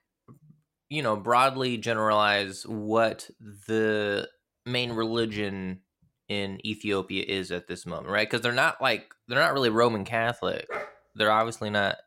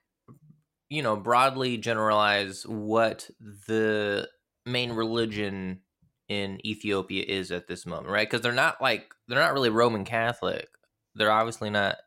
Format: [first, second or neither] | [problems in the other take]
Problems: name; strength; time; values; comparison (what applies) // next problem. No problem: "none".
second | dog barking; noticeable; at 11 s; peak 10 dB below the speech